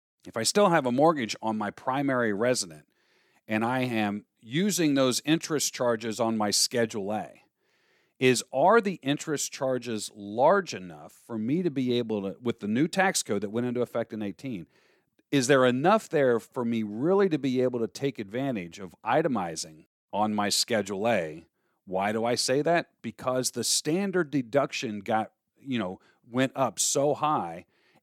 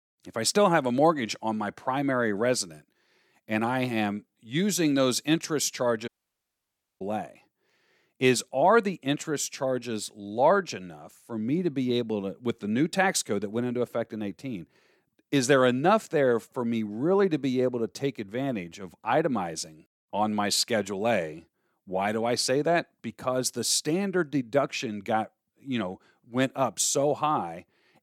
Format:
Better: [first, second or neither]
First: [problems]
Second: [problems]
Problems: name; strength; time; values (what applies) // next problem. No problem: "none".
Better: first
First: none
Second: audio cutting out; at 6 s for 1 s